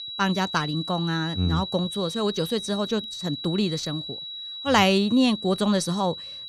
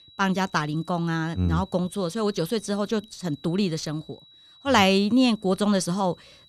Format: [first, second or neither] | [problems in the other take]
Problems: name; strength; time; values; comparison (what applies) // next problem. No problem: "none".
second | high-pitched whine; loud; throughout; 4 kHz, 8 dB below the speech; faint in the second